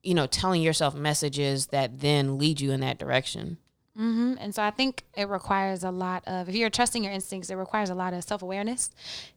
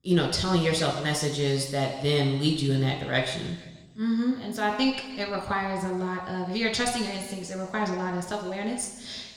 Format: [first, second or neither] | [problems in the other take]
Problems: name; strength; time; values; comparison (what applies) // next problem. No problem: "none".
first | room echo; noticeable; dies away in 1.3 s // off-mic speech; somewhat distant